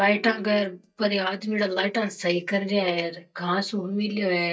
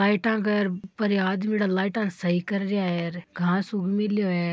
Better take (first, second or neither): second